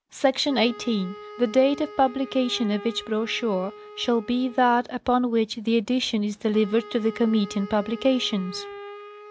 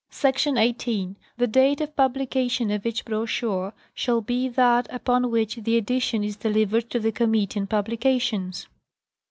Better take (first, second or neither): second